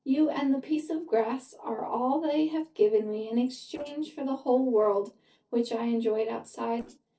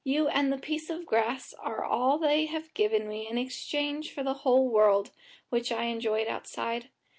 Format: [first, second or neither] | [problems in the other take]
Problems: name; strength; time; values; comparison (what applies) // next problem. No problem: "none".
second | noise reduction (neural separator model SepFormer DNS4)